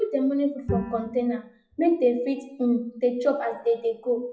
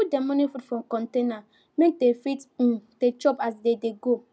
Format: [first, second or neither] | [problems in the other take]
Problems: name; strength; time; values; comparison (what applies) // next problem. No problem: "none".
second | noise reduction (classical method WPE with log-MMSE)